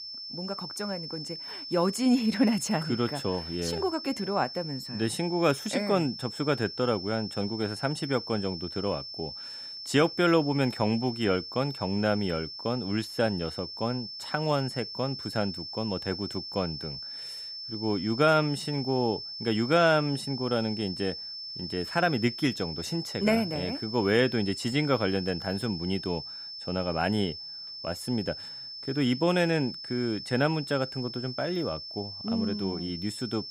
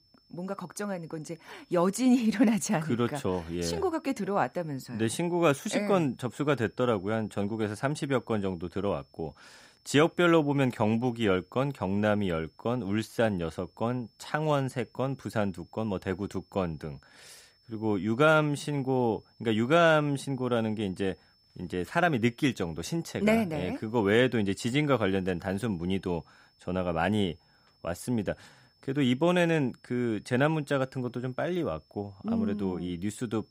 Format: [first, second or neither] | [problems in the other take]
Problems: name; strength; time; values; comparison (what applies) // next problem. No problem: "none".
second | high-pitched whine; loud; throughout; 5.5 kHz, 8 dB below the speech; faint in the second